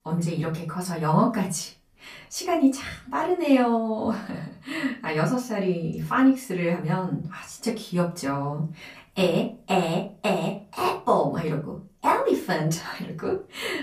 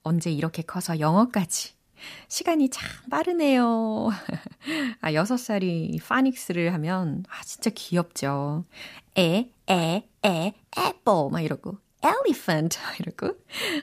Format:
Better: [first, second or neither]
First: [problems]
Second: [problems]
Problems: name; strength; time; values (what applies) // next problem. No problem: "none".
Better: second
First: off-mic speech; far // room echo; slight; dies away in 0.3 s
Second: none